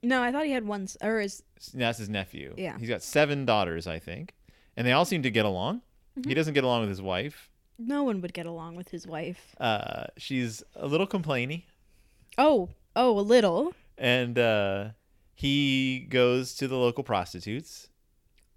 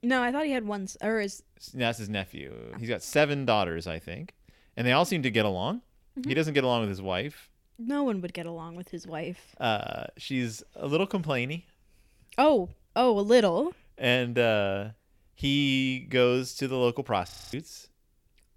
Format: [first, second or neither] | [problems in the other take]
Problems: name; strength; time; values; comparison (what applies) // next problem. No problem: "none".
first | audio freezing; at 2.5 s and at 17 s